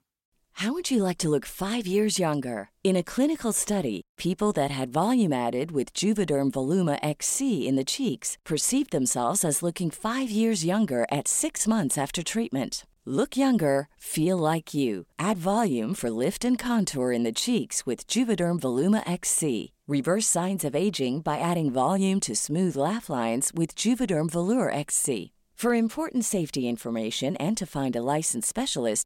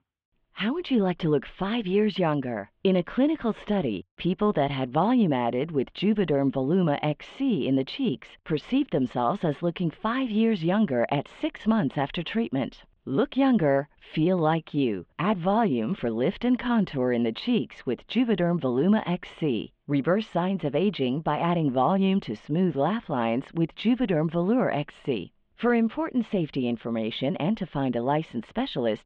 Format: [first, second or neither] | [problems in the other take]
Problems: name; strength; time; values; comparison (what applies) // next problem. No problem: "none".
first | muffled; very; fading above 3 kHz